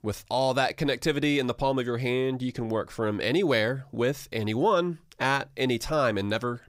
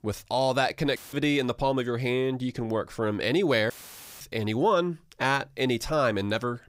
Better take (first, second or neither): first